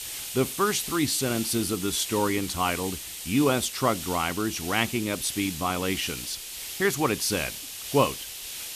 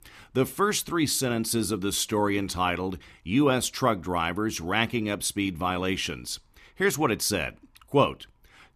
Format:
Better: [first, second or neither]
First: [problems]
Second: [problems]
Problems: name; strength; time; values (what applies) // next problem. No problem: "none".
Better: second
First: hiss; loud; throughout; 7 dB below the speech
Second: none